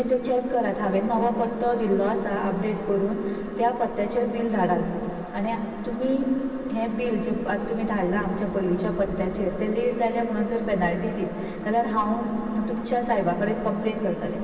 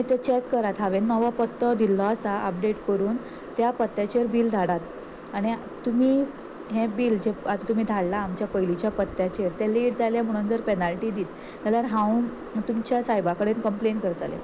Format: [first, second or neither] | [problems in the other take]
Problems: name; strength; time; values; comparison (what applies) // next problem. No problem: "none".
second | room echo; dies away in 2.6 s